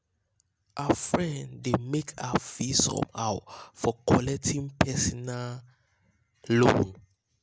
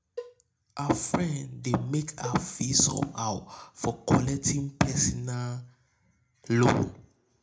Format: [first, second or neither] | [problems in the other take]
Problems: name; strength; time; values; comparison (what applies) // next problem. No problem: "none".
first | background sound (Cowbell); 18 dB below the speech // room echo; dies away in 0.2 s